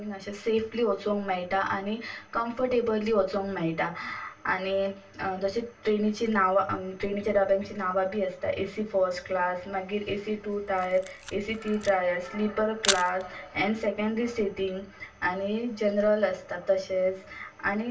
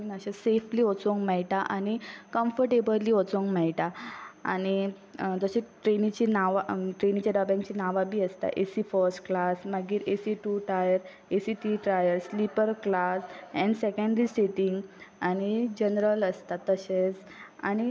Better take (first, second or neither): second